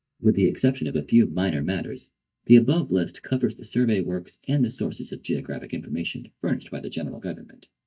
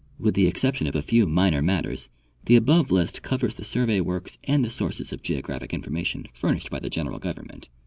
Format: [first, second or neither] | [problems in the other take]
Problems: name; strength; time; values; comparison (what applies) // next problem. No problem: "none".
second | noise reduction (neural mask model DeepFilterNet 3)